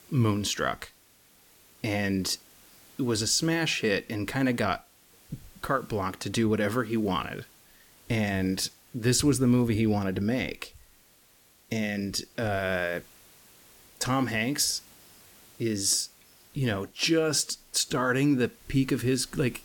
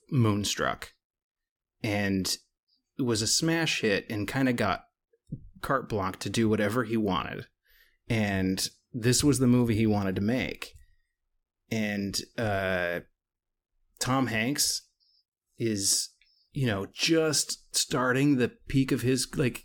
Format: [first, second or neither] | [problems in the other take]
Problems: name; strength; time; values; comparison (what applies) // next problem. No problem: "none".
second | hiss; faint; throughout; 25 dB below the speech